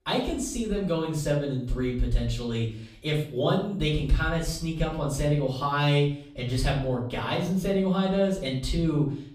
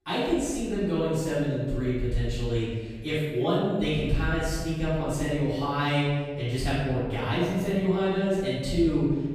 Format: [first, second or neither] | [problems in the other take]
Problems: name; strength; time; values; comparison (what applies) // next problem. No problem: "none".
first | room echo; strong; dies away in 1.3 s; slight in the first // off-mic speech; far; far in the first